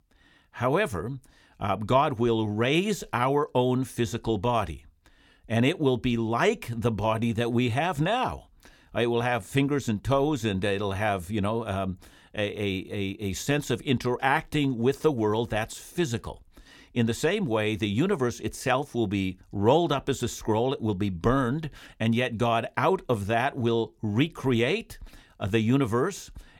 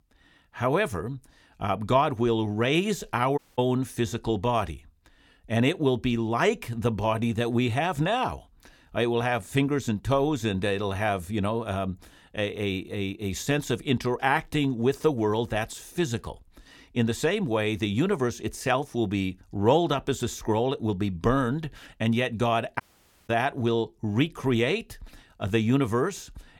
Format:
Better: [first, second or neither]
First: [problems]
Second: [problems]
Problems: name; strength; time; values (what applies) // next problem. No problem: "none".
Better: first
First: none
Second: audio cutting out; at 3.5 s and at 23 s